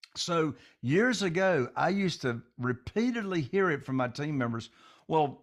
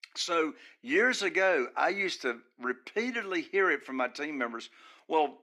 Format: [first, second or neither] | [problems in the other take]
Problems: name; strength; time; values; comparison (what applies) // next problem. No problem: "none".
first | thin; somewhat; fading below 300 Hz